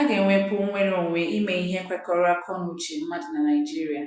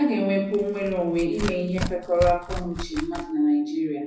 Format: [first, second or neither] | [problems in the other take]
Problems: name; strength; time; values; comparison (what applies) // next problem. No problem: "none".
first | background sound (Tearing); 9 dB below the speech // room echo; dies away in 0.4 s